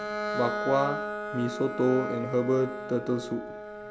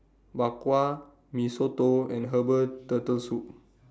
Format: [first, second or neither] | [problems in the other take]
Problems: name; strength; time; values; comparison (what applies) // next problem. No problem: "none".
second | background sound (Bowed string instrument); 5 dB below the speech